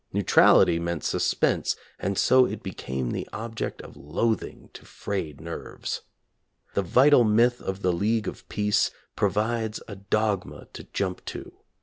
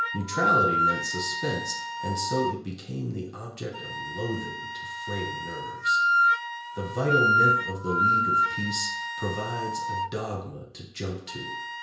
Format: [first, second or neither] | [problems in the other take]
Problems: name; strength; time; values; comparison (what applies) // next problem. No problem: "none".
first | background sound (Wind instrument, woodwind instrument); 4 dB above the speech // room echo; dies away in 0.5 s